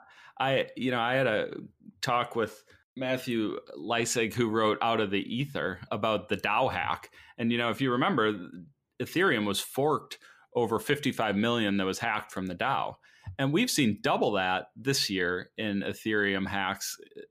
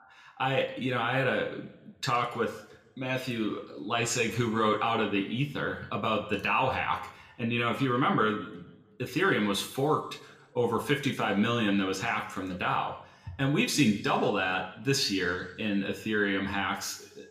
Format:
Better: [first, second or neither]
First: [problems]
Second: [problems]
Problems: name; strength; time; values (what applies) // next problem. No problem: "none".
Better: first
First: none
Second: room echo; slight; dies away in 0.7 s